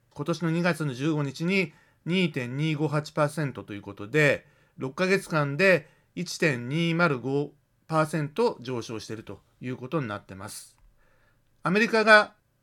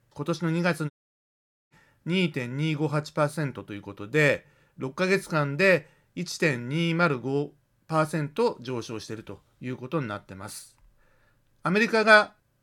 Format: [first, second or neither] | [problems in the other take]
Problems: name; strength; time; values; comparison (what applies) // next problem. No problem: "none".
first | audio cutting out; at 1 s for 1 s